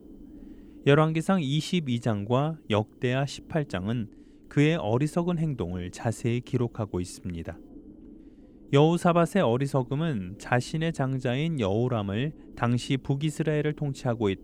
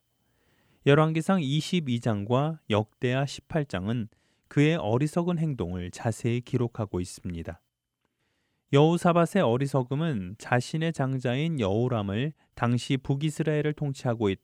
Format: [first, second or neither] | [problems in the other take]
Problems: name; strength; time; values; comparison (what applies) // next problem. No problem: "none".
second | low rumble; faint; throughout; 25 dB below the speech